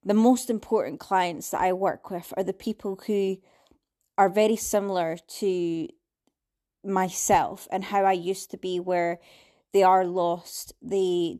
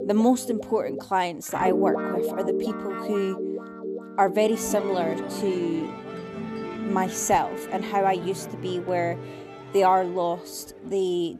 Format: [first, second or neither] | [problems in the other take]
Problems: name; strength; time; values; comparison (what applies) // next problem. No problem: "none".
first | background music; loud; throughout; 6 dB below the speech